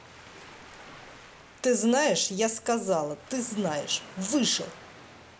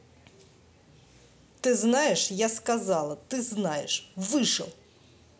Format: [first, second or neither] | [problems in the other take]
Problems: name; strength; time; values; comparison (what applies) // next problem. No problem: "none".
second | background sound (Waves, surf); 20 dB below the speech